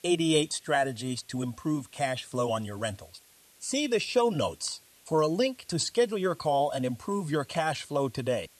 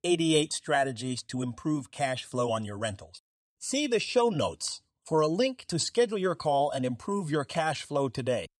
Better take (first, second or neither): second